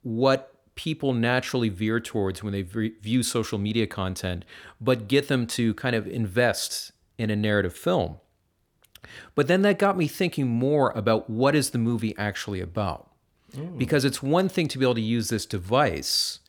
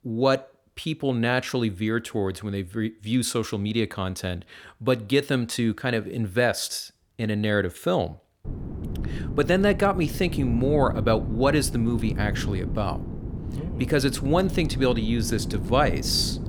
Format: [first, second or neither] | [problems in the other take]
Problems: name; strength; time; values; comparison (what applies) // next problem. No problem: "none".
first | wind noise on the microphone; occasional gusts; from 8.5 s on; 15 dB below the speech